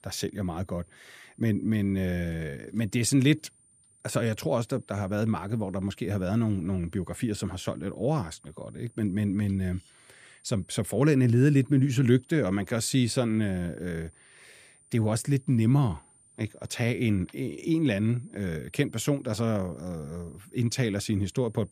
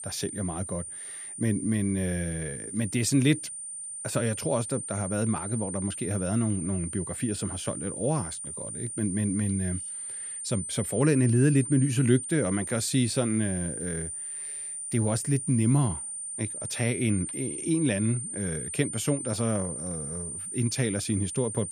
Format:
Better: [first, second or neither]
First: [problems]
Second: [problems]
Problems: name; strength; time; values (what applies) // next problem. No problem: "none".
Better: first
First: high-pitched whine; faint; throughout; 9 kHz, 30 dB below the speech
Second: high-pitched whine; loud; throughout; 9 kHz, 6 dB below the speech